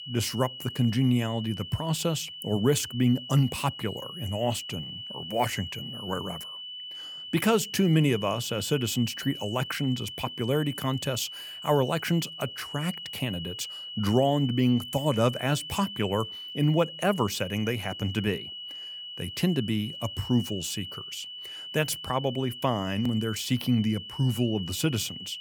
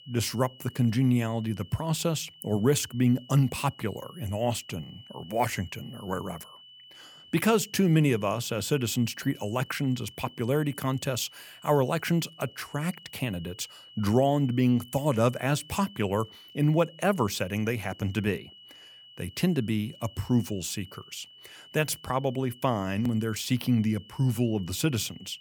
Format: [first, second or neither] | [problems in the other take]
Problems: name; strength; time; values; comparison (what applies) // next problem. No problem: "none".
second | high-pitched whine; loud; throughout; 3 kHz, 9 dB below the speech; faint in the second